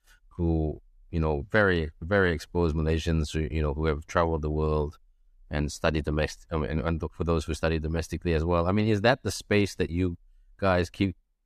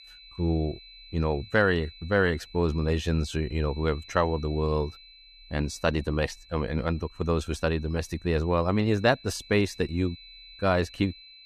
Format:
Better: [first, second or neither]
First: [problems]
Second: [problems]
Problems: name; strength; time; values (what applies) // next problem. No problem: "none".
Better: first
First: none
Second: high-pitched whine; faint; throughout; 4 kHz, 20 dB below the speech